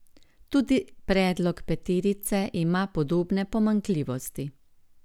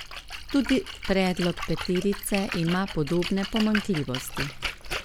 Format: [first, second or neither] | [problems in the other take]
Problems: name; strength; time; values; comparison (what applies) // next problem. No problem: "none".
first | background sound (Splash, splatter); 8 dB below the speech